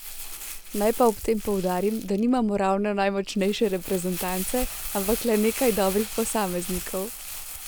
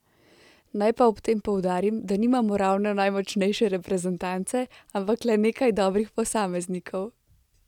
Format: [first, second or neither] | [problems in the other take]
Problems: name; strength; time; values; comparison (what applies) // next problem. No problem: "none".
second | background sound (Crumpling, crinkling); 9 dB below the speech